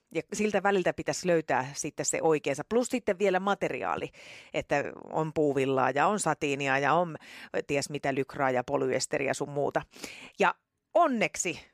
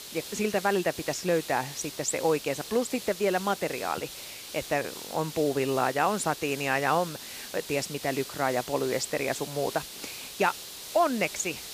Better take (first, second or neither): first